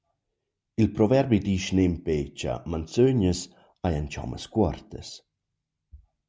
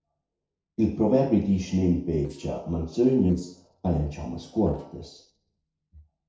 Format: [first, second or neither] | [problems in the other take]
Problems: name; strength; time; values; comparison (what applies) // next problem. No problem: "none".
first | noise reduction (neural separator model SepFormer DNS4)